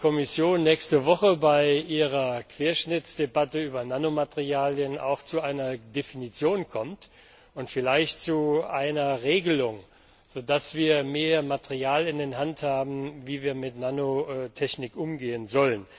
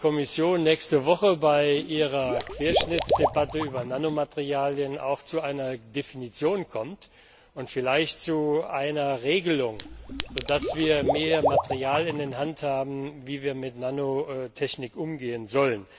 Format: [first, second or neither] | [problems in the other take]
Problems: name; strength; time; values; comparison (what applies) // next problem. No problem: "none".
first | background sound (Chink, clink + Water / Liquid); 4 dB below the speech